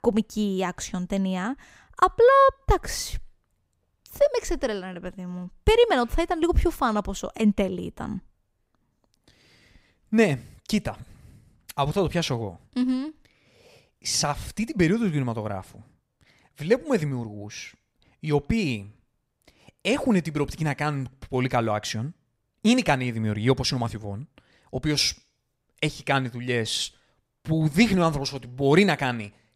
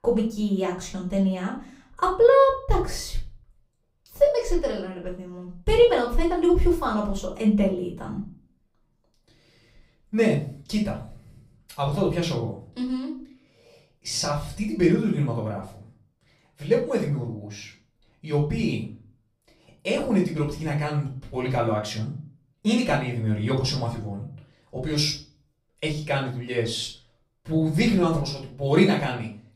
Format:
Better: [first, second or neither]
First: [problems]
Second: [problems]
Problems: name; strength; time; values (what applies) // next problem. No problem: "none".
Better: first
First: none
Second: off-mic speech; far // room echo; slight; dies away in 0.3 s